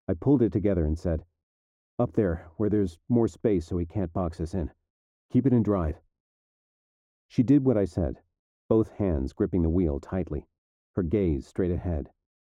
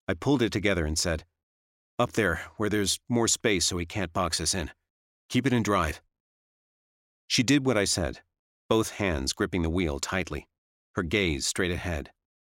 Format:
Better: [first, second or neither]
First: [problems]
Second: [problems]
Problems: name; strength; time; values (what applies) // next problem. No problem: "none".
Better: second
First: muffled; very; fading above 1.5 kHz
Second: none